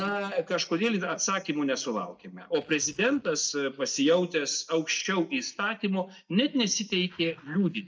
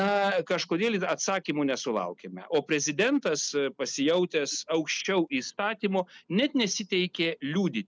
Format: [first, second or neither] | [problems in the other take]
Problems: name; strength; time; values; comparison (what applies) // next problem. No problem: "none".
second | noise reduction (neural mask model DeepFilterNet 3)